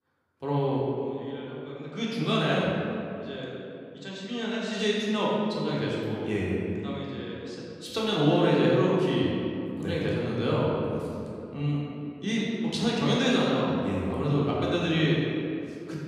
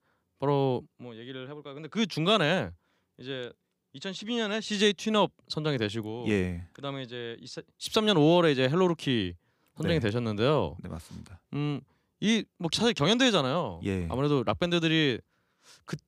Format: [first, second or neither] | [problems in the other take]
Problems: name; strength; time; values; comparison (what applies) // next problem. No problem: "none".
second | room echo; strong; dies away in 2.5 s // off-mic speech; far